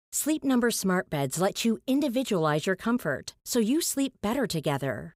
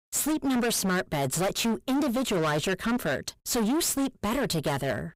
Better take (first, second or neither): first